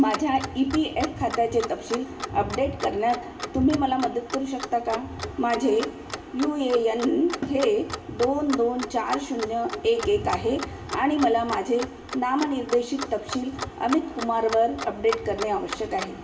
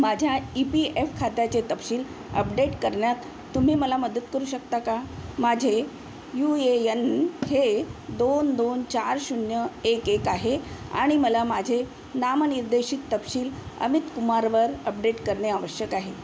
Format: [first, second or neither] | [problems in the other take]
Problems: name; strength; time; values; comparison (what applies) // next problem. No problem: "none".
second | background sound (Clock); 12 dB below the speech // room echo; dies away in 1.6 s